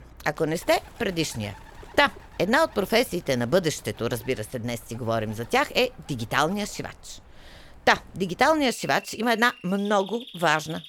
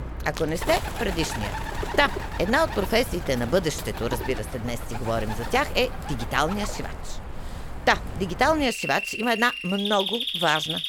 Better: first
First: animal sounds; faint; throughout; 20 dB below the speech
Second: animal sounds; loud; throughout; 6 dB below the speech

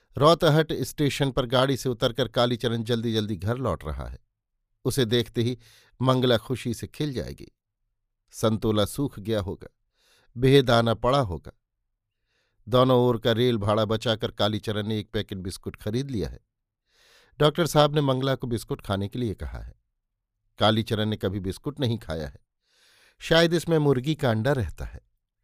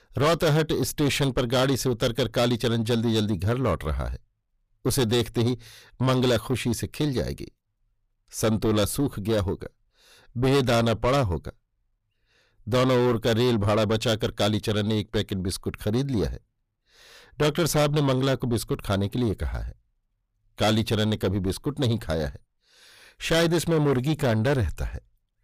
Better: first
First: none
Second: distortion; heavy; 7 dB below the speech

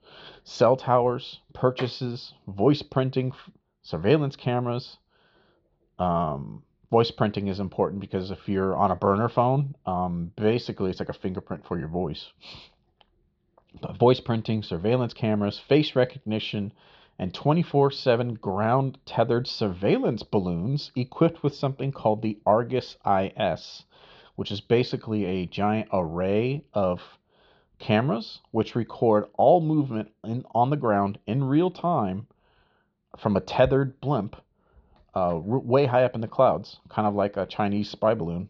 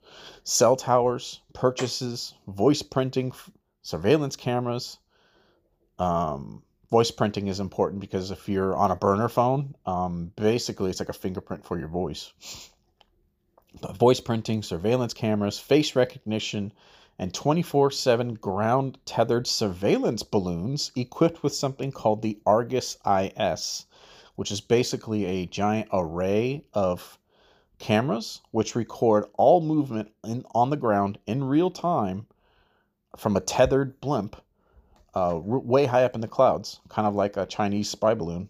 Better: second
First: muffled; slightly; fading above 4 kHz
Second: none

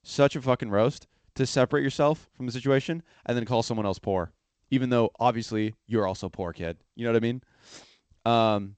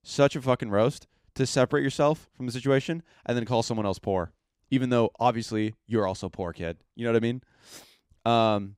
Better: second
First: garbled, watery; slightly; nothing above 8 kHz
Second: none

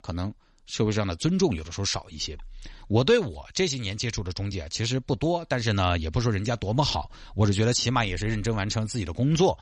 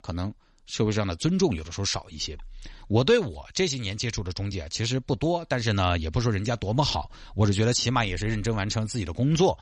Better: neither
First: none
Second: none

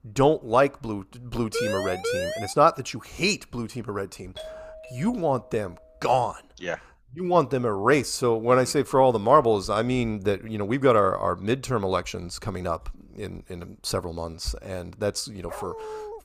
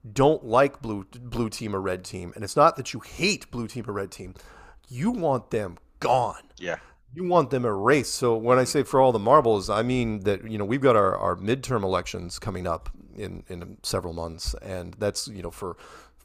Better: second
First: siren; noticeable; at 1.5 s; peak 3 dB below the speech // doorbell; faint; from 4.5 to 6 s; peak 15 dB below the speech // dog barking; faint; at 15 s; peak 10 dB below the speech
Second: none

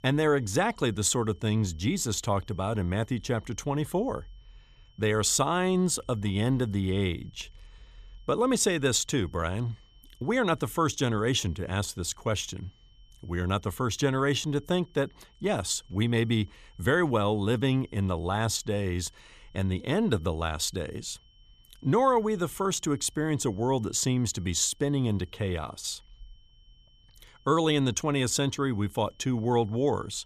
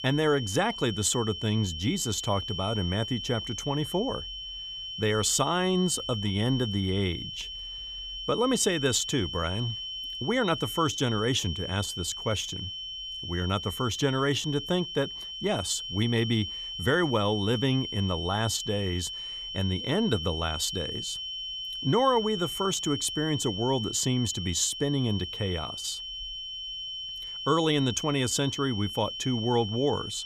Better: first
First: high-pitched whine; faint; throughout; 3 kHz, 35 dB below the speech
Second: high-pitched whine; loud; throughout; 3 kHz, 6 dB below the speech

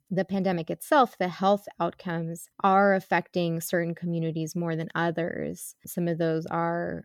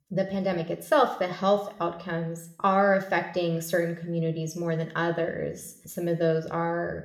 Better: first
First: none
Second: room echo; slight; dies away in 0.6 s

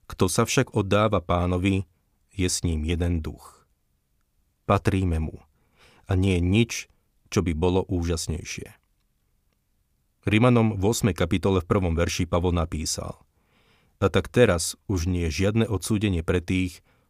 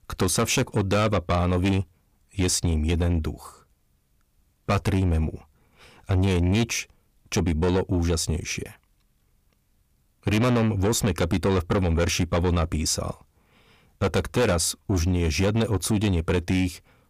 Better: first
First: none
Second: distortion; heavy; 8 dB below the speech

